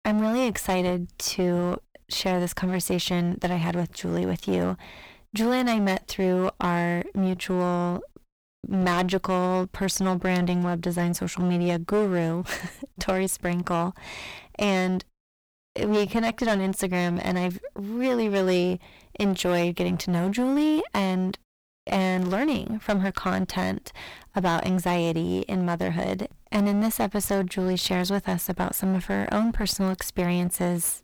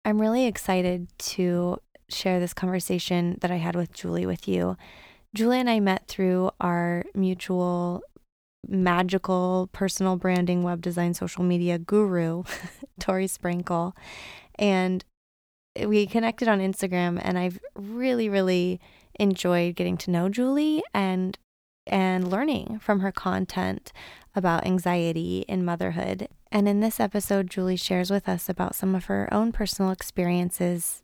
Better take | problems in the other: second | distortion; heavy; 13% of the sound clipped

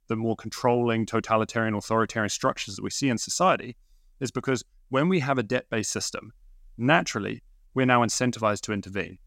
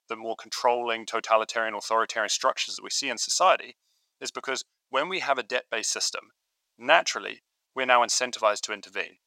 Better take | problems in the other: first | thin; very; fading below 600 Hz

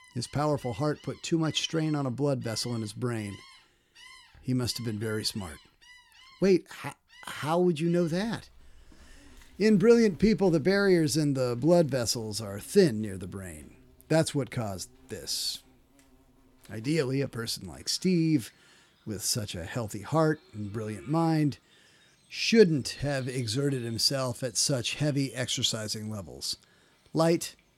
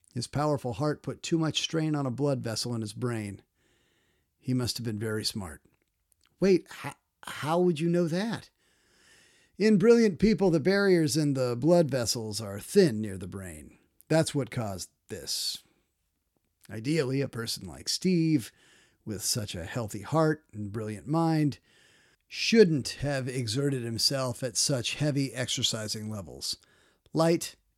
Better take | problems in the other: second | animal sounds; faint; throughout; 30 dB below the speech

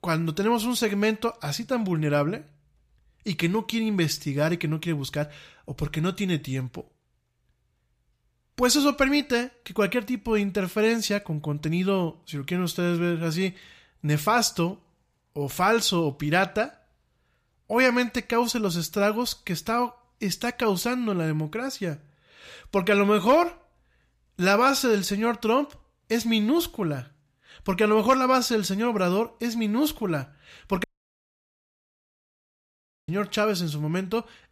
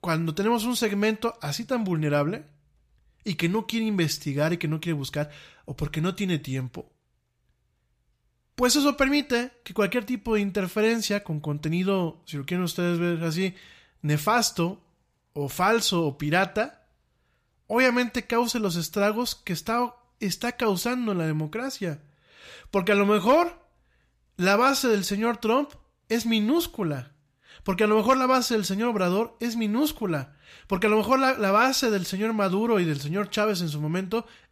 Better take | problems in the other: second | audio cutting out; at 31 s for 2 s

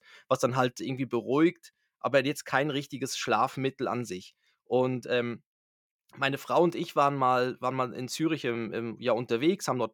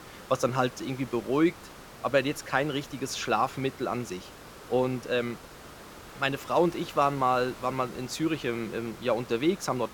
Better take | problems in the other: first | hiss; noticeable; throughout; 15 dB below the speech

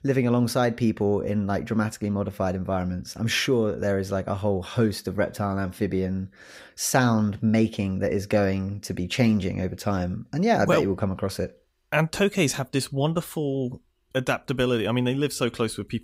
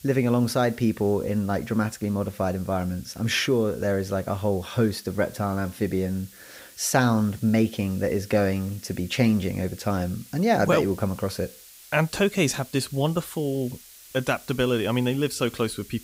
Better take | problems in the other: first | hiss; faint; throughout; 20 dB below the speech

